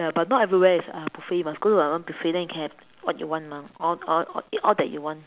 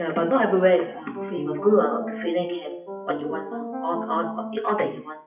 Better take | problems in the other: first | noise reduction (classical method WPE with log-MMSE)

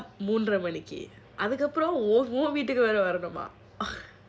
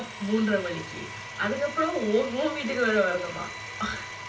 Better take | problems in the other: first | background sound (Domestic sounds, home sounds); 11 dB below the speech // room echo; dies away in 0.2 s

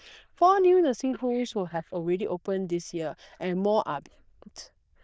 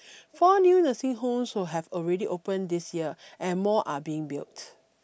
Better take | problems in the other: second | noise reduction (neural diffusion model UNIVERSE++)

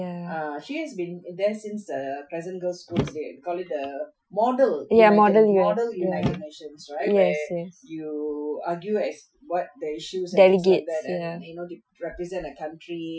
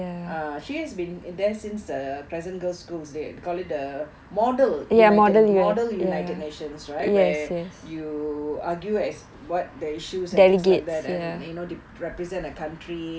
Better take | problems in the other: second | noise reduction (classical method Wiener filter)

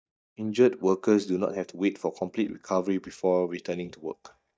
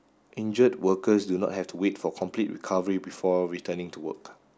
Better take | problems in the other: second | noise reduction (neural mask model DeepFilterNet 3)

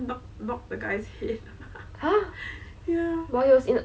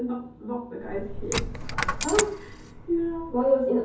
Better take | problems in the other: first | background sound (Coin (dropping)); 4 dB below the speech // room echo; dies away in 0.6 s

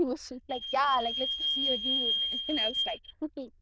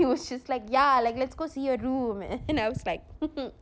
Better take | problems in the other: second | noise reduction (neural diffusion model UNIVERSE++)

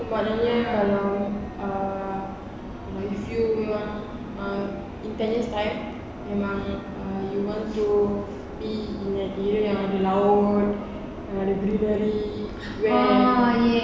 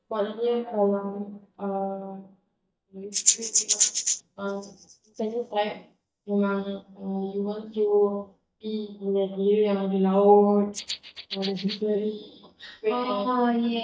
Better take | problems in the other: first | noise reduction (neural mask model DeepFilterNet 3)

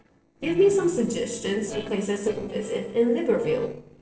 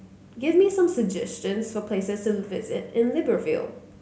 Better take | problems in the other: second | noise reduction (neural separator model SepFormer DNS4)

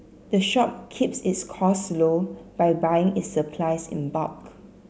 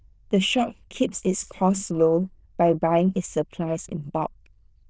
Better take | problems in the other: first | noise reduction (neural diffusion model UNIVERSE++)

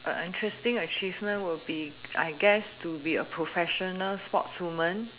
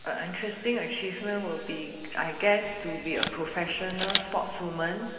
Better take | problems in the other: first | background sound (Camera); 5 dB below the speech // room echo; dies away in 2.5 s

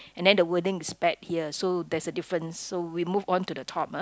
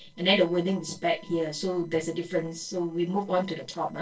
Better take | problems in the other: first | noise reduction (neural separator model SepFormer DNS4)

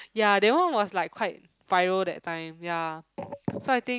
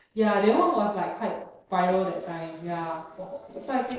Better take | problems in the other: first | noise reduction (neural separator model SepFormer DNS4)

